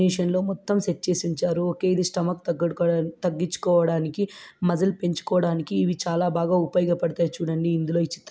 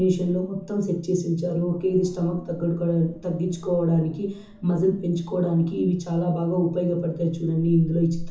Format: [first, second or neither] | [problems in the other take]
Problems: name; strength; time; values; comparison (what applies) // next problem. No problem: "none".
first | background sound (Wind); 19 dB below the speech // room echo; dies away in 0.6 s